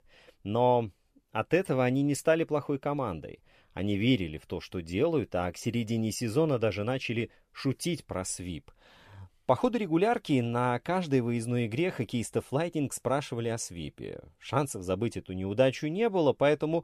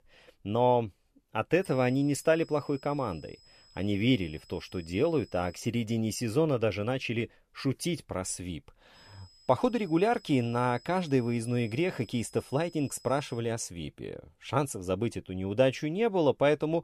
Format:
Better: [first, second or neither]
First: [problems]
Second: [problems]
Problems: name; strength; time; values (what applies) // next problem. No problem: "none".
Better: first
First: none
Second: high-pitched whine; faint; from 1.5 to 5.5 s and from 9 to 13 s; 5 kHz, 25 dB below the speech